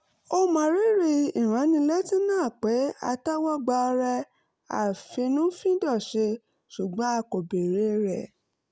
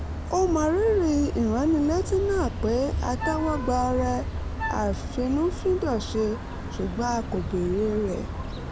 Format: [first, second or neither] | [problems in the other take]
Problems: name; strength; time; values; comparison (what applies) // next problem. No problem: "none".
first | background sound (Vehicle horn, car horn, honking + Wind instrument, woodwind instrument); 5 dB below the speech